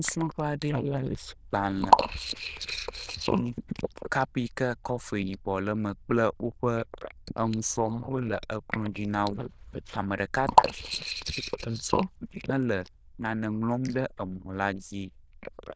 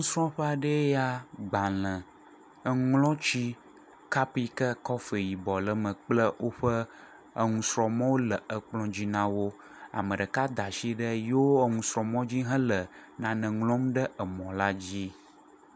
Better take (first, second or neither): second